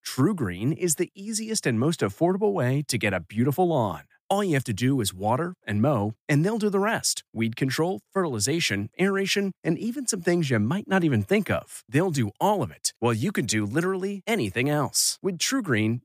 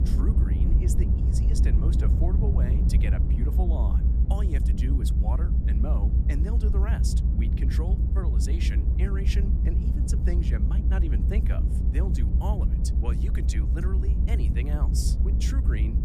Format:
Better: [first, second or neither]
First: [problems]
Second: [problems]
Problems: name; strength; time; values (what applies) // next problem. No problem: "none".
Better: first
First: none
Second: low rumble; loud; throughout; as loud as the speech